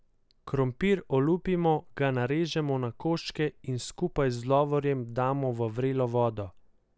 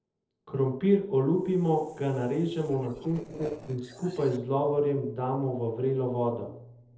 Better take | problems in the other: first | noise reduction (neural separator model SepFormer DNS4)

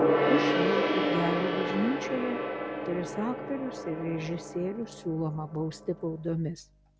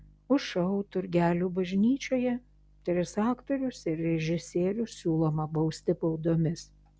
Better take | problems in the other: second | background sound (Gong); 2 dB above the speech

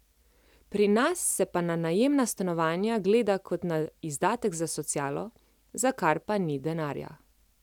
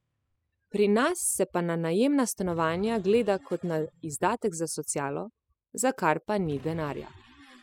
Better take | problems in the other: first | noise reduction (classical method spectral subtraction)

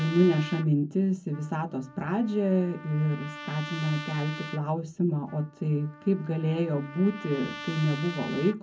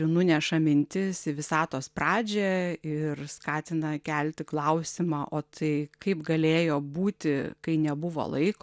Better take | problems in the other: second | background sound (Trumpet); 15 dB below the speech // room echo; dies away in 0.3 s

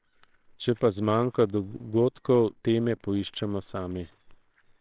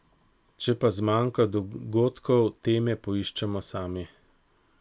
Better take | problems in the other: second | noise reduction (neural separator model SepFormer WHAMR!)

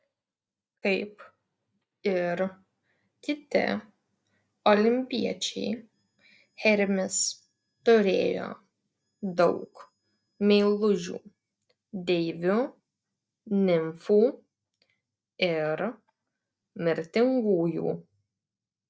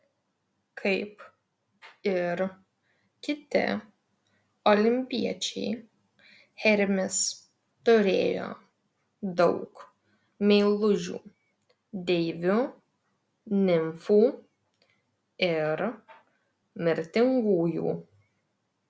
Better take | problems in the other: second | noise reduction (neural mask model DeepFilterNet 3)

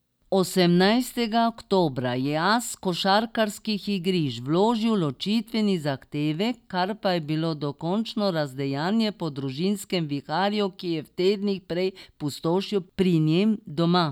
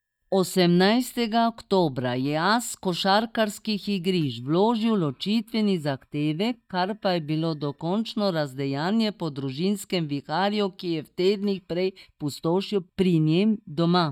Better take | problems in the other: first | noise reduction (neural mask model DeepFilterNet 3)

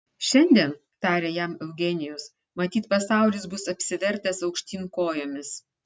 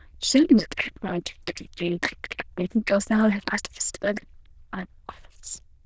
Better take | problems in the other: first | noise reduction (neural diffusion model UNIVERSE++)

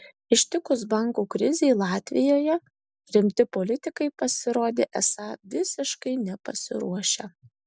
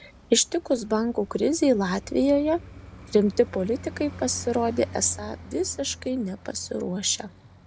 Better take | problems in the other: first | background sound (Traffic noise, roadway noise); 17 dB below the speech

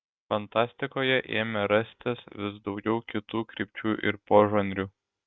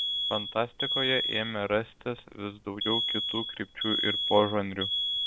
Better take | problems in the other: first | background sound (Alarm); 1 dB below the speech

